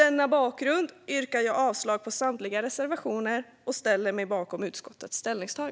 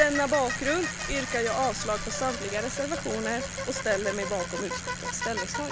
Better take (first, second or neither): first